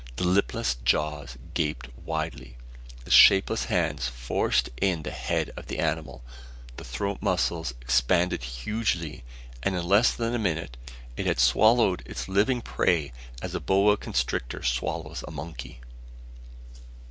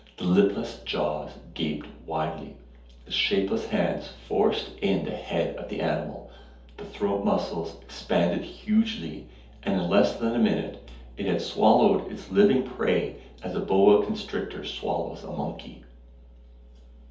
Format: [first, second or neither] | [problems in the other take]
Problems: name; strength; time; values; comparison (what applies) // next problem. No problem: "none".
first | room echo; dies away in 0.6 s